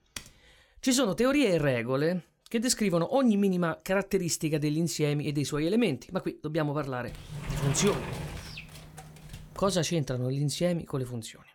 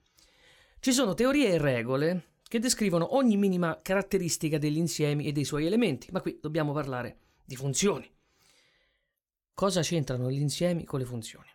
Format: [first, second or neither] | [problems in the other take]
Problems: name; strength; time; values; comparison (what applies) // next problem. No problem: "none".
second | keyboard typing; faint; at the start; peak 15 dB below the speech // door banging; noticeable; from 7 to 9.5 s; peak 5 dB below the speech